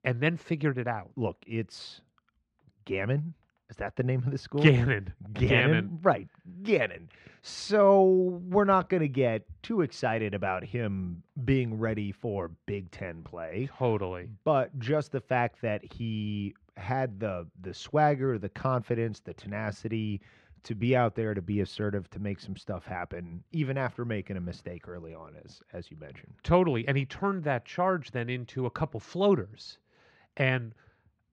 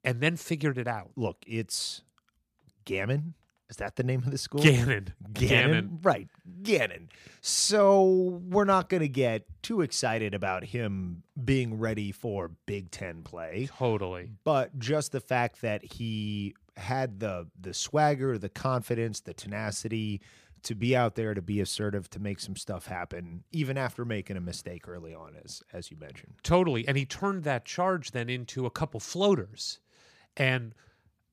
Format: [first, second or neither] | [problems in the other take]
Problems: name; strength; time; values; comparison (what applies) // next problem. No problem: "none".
second | muffled; slightly; fading above 2.5 kHz